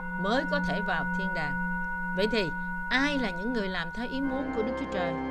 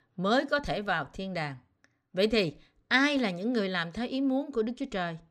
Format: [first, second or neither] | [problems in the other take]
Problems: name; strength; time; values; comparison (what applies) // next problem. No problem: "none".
second | background music; loud; throughout; 1 dB below the speech